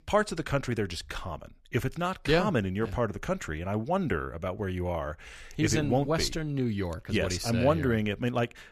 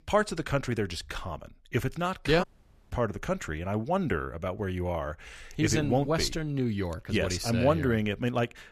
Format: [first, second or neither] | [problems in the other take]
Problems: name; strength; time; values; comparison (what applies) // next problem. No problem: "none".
first | audio cutting out; at 2.5 s